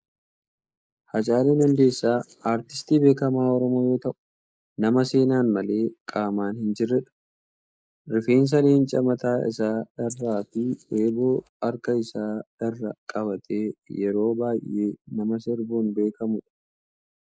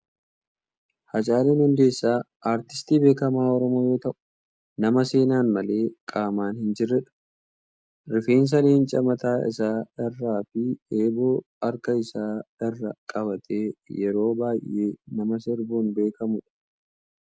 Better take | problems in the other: second | noise reduction (neural mask model Resemble Enhance denoiser)

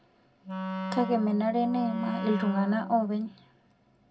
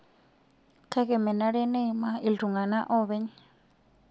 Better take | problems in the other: second | background sound (Wind instrument, woodwind instrument); 7 dB below the speech // room echo; dies away in 0.2 s

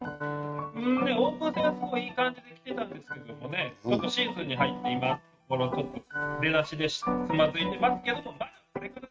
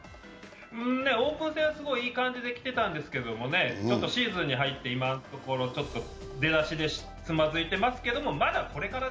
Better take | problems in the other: second | noise reduction (neural mask model RNNoise)

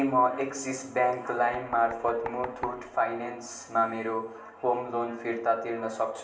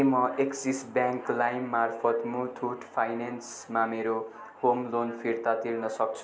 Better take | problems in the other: second | background sound (Knock); 15 dB below the speech // room echo; dies away in 0.9 s

